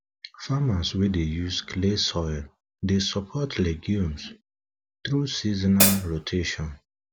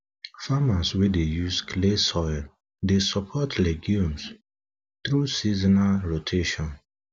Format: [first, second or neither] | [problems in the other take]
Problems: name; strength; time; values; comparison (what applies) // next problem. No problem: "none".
second | background sound (Hi-hat); 4 dB above the speech